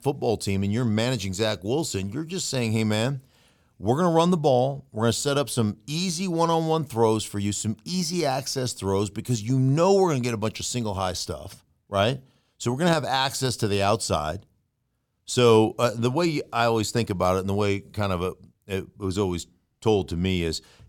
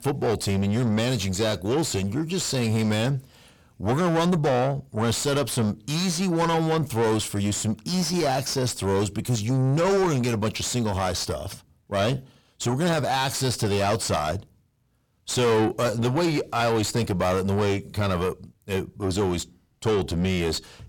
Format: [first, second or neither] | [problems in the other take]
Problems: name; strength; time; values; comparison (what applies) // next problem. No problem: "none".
first | distortion; heavy; 7 dB below the speech